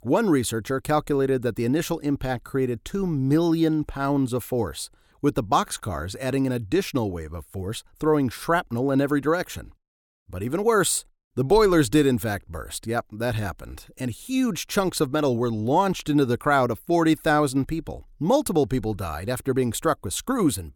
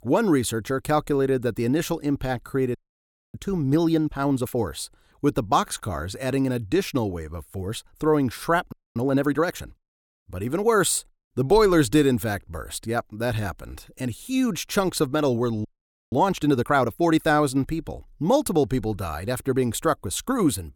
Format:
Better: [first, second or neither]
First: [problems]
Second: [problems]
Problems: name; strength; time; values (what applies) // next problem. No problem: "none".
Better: first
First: none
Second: audio freezing; at 3 s for 0.5 s, at 8.5 s and at 16 s